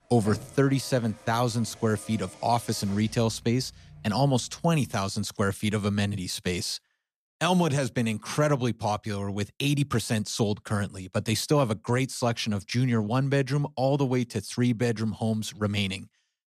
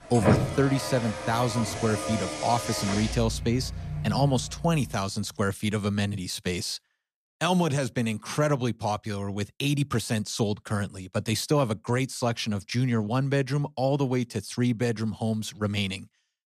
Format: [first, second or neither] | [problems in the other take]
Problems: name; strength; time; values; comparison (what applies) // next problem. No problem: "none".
first | traffic noise; loud; until 4.5 s; 4 dB below the speech; faint in the first